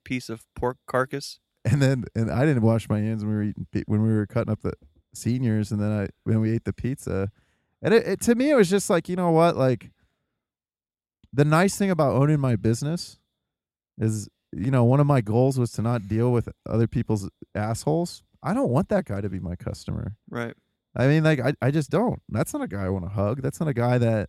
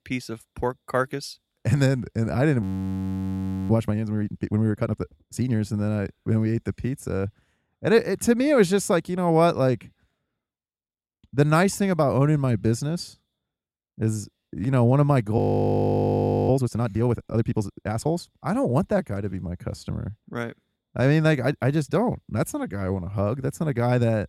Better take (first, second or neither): first